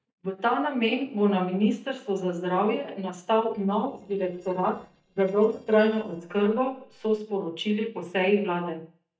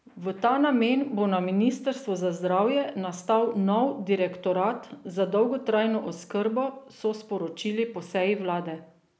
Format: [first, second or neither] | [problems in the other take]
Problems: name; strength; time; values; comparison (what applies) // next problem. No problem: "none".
second | noise reduction (neural mask model DeepFilterNet 3)